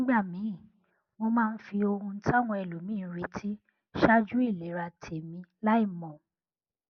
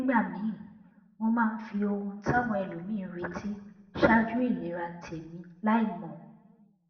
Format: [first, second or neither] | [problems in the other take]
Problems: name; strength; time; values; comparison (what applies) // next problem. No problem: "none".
first | room echo; dies away in 0.9 s